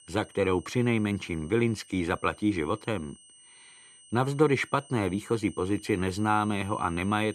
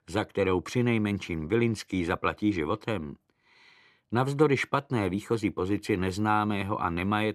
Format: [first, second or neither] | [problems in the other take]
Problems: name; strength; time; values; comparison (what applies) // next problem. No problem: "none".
second | high-pitched whine; faint; throughout; 8.5 kHz, 20 dB below the speech